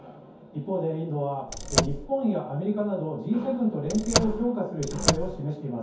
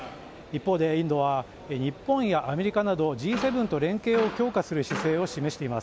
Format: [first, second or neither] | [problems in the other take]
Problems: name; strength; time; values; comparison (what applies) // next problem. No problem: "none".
second | background sound (Car); 2 dB above the speech // room echo; dies away in 0.6 s